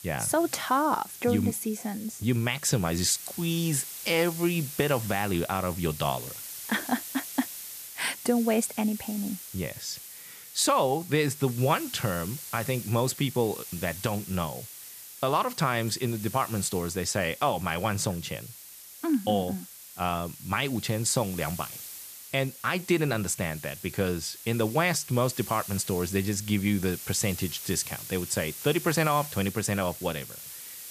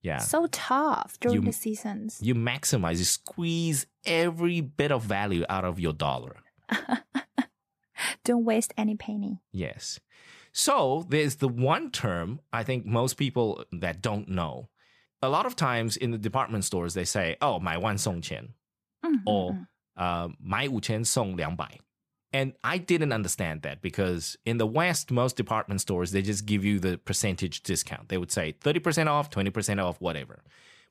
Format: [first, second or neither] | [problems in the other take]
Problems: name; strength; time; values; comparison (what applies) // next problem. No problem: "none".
second | hiss; noticeable; throughout; 10 dB below the speech